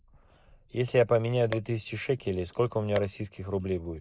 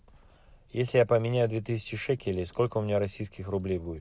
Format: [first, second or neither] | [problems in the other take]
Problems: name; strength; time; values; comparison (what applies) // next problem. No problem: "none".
second | noise reduction (neural mask model Resemble Enhance denoiser)